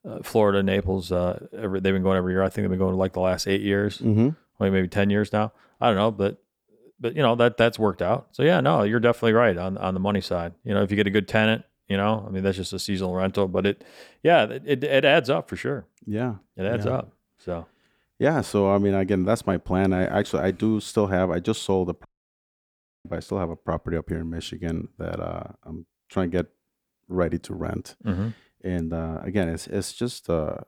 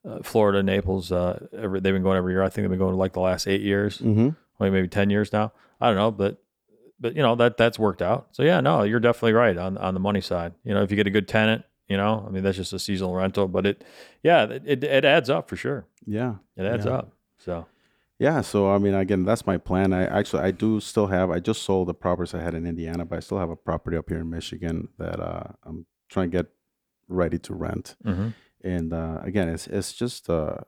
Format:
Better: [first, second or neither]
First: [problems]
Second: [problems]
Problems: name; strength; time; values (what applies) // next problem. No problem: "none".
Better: second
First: audio cutting out; at 22 s for 1 s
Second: none